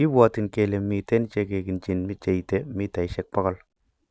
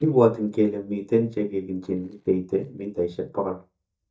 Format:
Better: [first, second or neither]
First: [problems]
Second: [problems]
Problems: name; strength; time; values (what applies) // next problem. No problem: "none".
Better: first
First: none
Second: noise reduction (neural mask model DeepFilterNet 3)